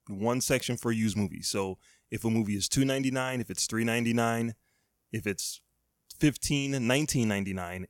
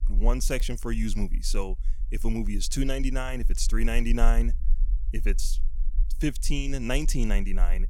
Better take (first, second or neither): first